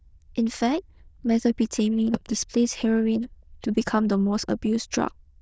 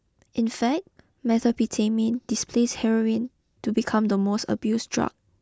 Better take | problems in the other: second | noise reduction (neural diffusion model UNIVERSE++)

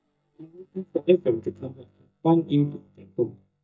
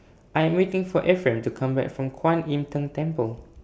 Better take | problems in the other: second | noise reduction (neural mask model DeepFilterNet 3)

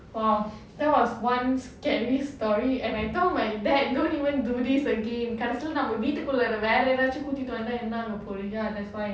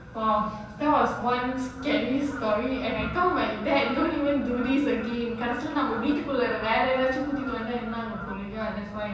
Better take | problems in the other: first | background sound (Fowl); 15 dB below the speech // room echo; dies away in 1.2 s

